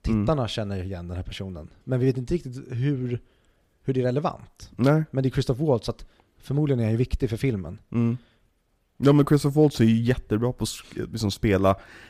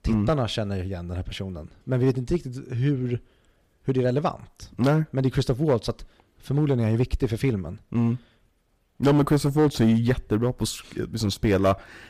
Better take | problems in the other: first | distortion; slight; 3% of the sound clipped

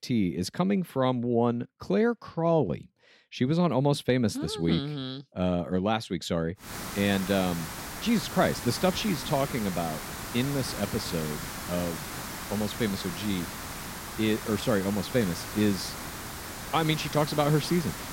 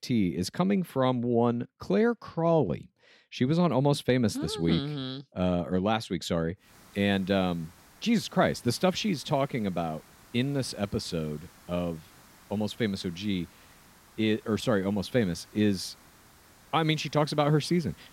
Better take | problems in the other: second | hiss; loud; from 6.5 s on; 8 dB below the speech; faint in the second

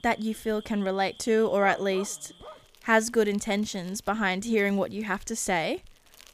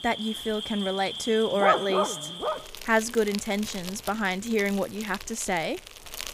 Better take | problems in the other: first | animal sounds; loud; throughout; 4 dB below the speech; faint in the first

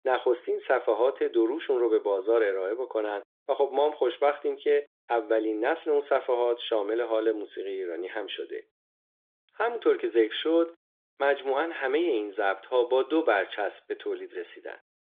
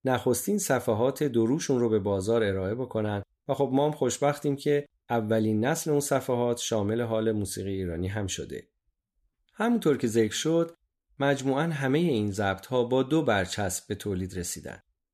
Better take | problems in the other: second | phone-call audio; nothing above 3.5 kHz

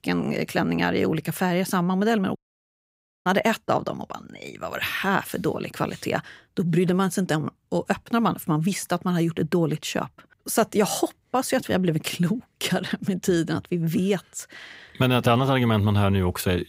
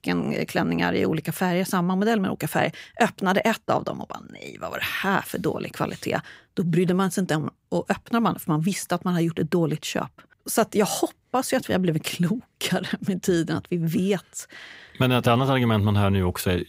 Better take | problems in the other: second | audio cutting out; at 2.5 s for 1 s

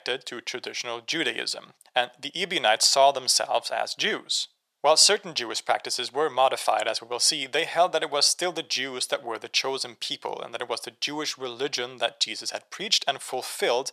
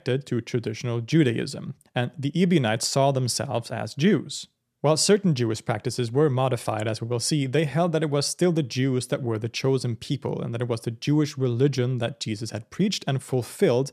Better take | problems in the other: second | thin; very; fading below 750 Hz

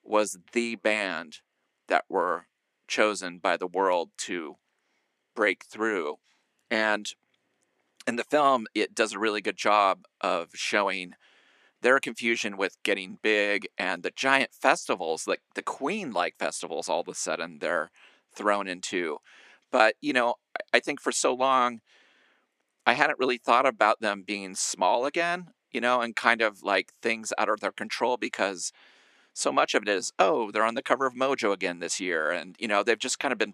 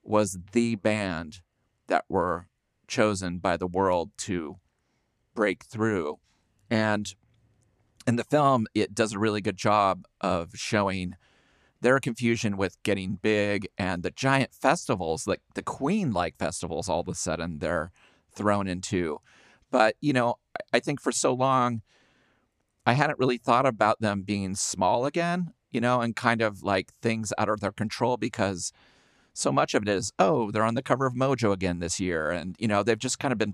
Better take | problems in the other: second | thin; somewhat; fading below 300 Hz

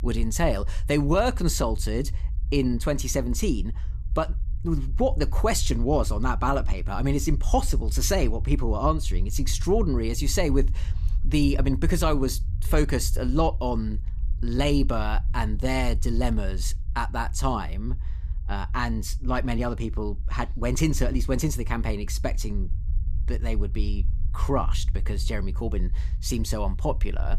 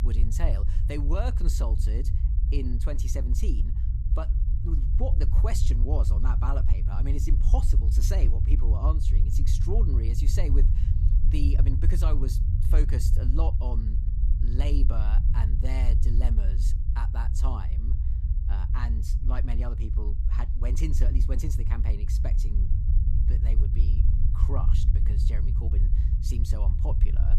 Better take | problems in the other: first | low rumble; loud; throughout; 4 dB below the speech; faint in the first

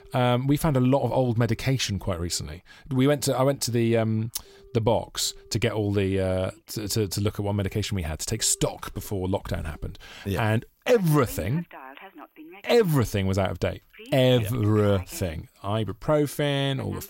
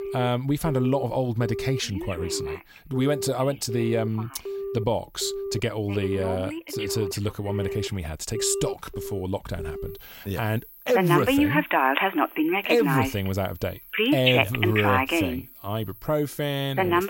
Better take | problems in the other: first | alarms or sirens; loud; throughout; as loud as the speech; faint in the first

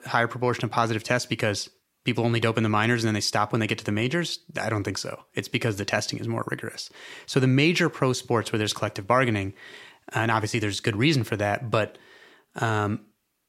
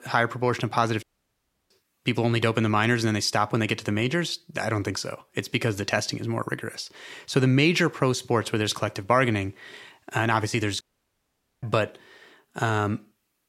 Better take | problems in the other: first | audio cutting out; at 1 s for 0.5 s and at 11 s for 1 s

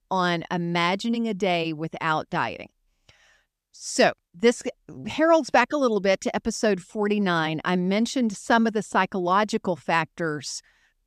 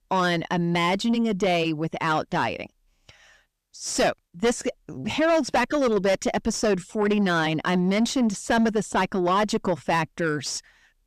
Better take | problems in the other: first | distortion; heavy; 7 dB below the speech

